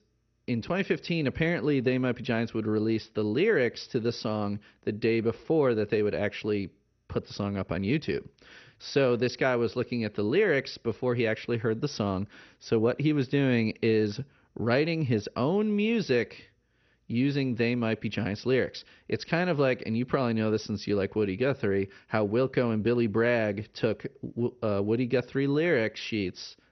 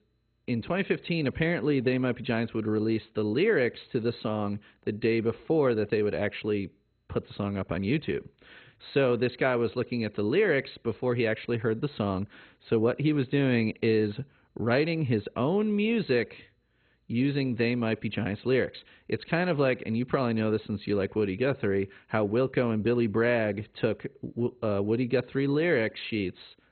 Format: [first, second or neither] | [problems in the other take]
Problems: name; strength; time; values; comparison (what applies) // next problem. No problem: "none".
first | garbled, watery; badly; nothing above 4 kHz; slightly in the first